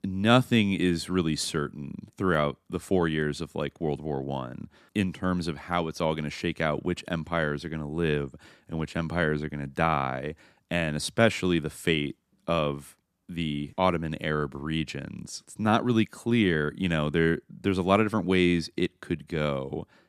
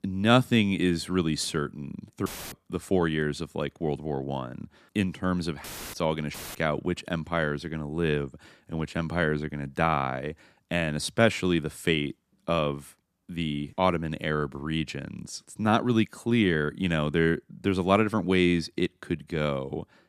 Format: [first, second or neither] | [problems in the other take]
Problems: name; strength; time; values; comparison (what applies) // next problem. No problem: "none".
first | audio cutting out; filled with static; at 2.5 s, at 5.5 s and at 6.5 s